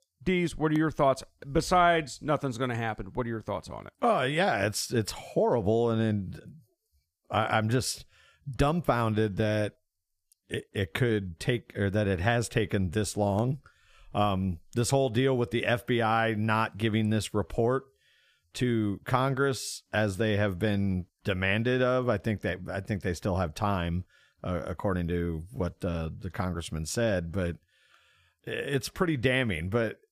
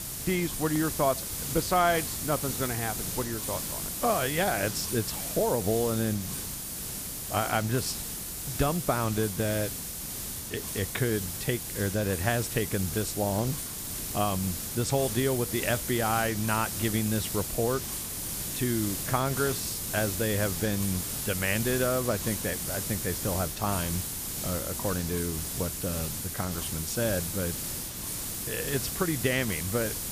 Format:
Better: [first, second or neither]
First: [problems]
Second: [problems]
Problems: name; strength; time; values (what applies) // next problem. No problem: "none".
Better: first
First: none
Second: hiss; loud; throughout; 2 dB below the speech